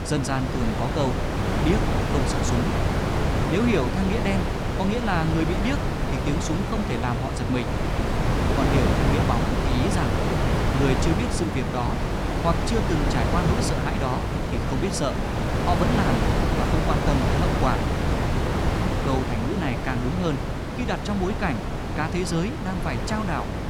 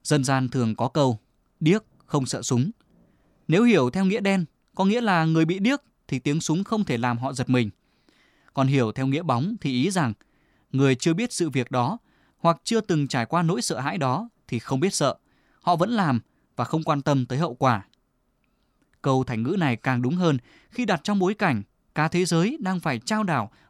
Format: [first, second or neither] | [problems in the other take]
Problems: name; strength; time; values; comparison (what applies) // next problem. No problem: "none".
second | wind noise on the microphone; heavy; 1 dB above the speech